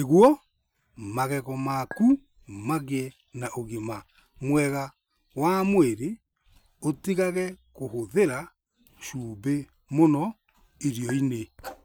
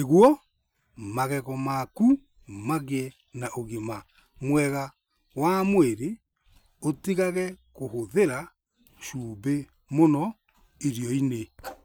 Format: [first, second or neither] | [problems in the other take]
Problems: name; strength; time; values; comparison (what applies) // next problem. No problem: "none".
second | background sound (Chink, clink); 17 dB below the speech